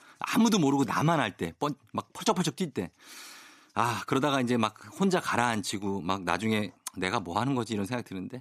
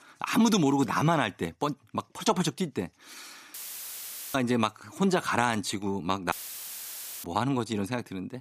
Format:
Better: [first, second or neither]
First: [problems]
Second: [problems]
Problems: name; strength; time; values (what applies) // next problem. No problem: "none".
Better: first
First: none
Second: audio cutting out; filled with static; at 3.5 s for 1 s and at 6.5 s for 1 s